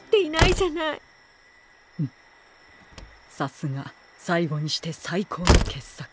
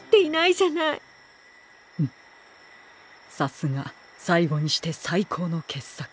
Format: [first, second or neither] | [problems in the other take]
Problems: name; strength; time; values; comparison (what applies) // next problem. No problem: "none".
second | background sound (Slam); 1 dB below the speech